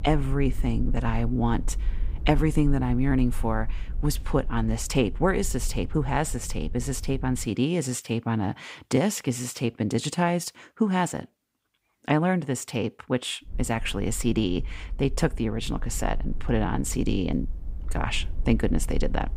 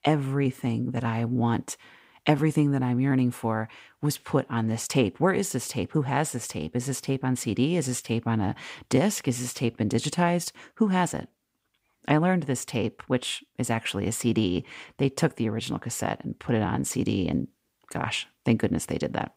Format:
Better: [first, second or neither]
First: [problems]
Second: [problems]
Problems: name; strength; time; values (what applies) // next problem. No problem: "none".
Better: second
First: low rumble; faint; until 7.5 s and from 14 s on; 25 dB below the speech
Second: none